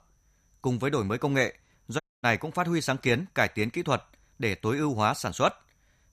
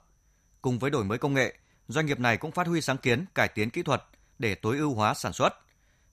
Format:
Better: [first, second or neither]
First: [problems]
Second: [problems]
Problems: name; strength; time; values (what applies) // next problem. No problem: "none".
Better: second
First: audio cutting out; at 2 s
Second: none